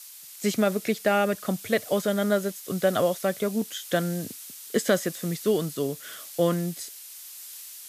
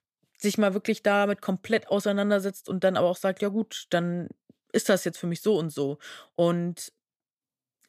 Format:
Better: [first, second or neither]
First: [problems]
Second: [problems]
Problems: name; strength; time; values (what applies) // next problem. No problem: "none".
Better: second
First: hiss; noticeable; throughout; 15 dB below the speech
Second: none